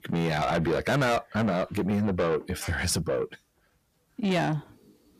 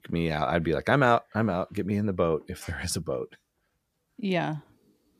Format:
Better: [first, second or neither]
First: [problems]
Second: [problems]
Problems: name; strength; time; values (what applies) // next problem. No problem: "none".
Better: second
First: distortion; heavy; 5 dB below the speech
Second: none